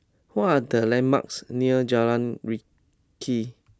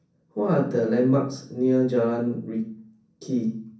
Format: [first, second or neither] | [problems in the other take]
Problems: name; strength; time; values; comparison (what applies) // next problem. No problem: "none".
first | room echo; dies away in 0.6 s